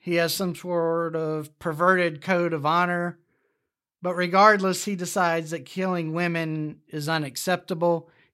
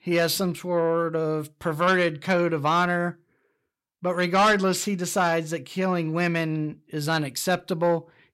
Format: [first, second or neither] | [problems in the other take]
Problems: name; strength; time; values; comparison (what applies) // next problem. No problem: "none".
first | distortion; slight; 10 dB below the speech